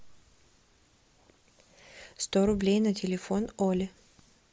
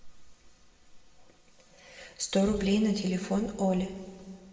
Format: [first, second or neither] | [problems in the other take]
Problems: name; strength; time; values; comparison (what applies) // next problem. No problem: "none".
first | room echo; dies away in 1.8 s